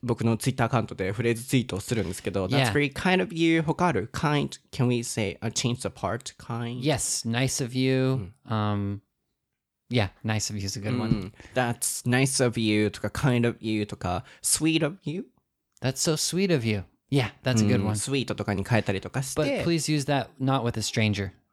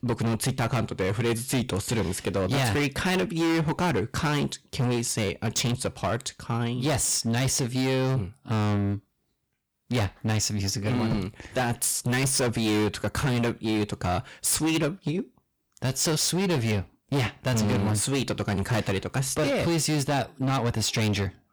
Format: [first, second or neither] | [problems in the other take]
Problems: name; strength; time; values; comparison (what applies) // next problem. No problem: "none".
first | distortion; heavy; 20% of the sound clipped